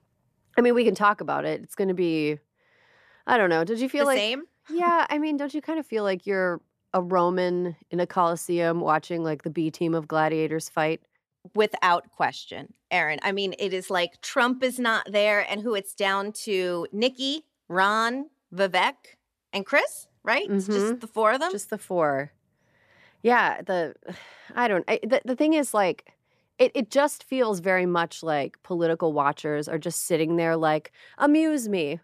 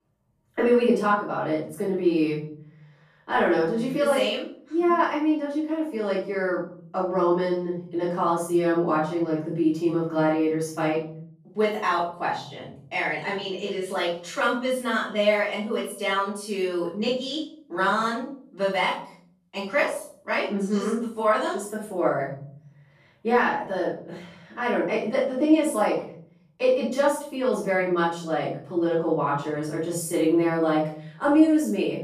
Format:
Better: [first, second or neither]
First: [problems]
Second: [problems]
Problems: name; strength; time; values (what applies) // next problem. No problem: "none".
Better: first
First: none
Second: room echo; noticeable; dies away in 0.9 s // off-mic speech; far